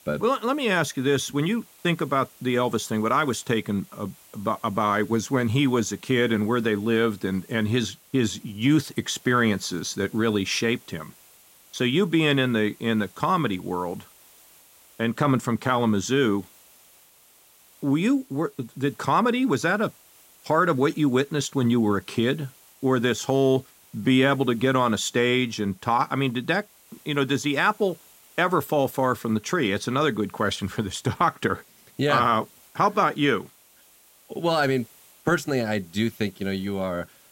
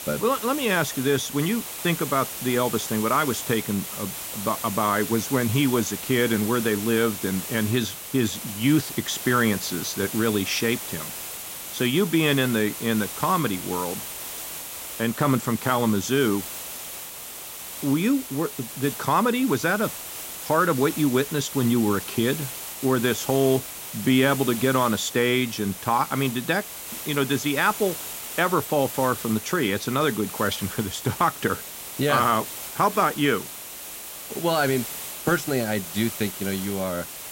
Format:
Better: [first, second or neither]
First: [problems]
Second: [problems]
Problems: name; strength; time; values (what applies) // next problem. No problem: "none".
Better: first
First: hiss; faint; throughout; 25 dB below the speech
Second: hiss; loud; throughout; 8 dB below the speech